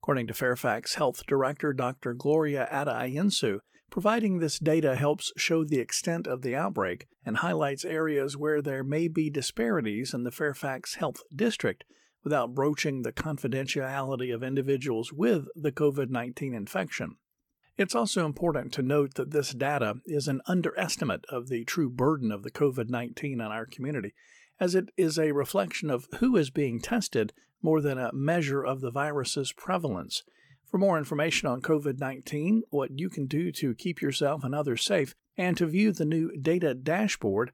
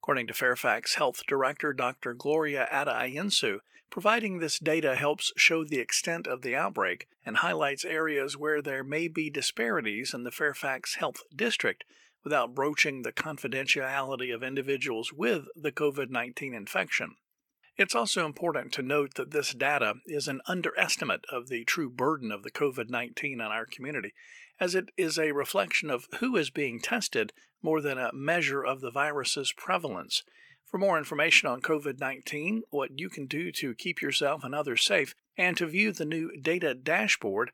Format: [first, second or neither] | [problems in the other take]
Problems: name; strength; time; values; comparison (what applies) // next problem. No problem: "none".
first | thin; somewhat; fading below 1 kHz